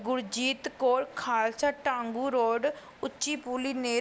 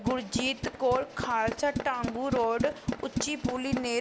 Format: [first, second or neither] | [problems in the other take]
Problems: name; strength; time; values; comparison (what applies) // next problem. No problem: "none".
first | background sound (Tools); 5 dB below the speech